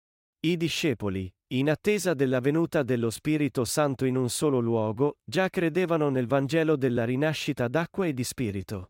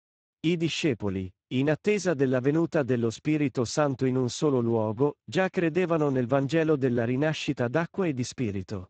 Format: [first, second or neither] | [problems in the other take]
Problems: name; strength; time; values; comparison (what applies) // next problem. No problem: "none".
first | garbled, watery; badly; nothing above 8 kHz